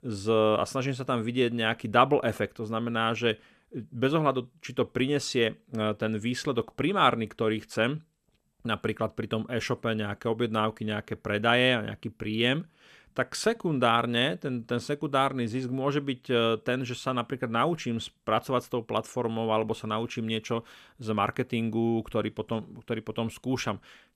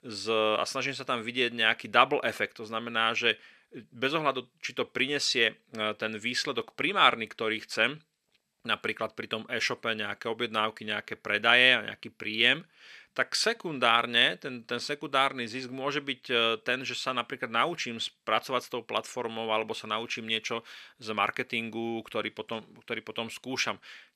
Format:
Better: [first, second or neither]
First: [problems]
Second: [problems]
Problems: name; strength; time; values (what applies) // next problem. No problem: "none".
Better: first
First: none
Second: thin; somewhat; fading below 500 Hz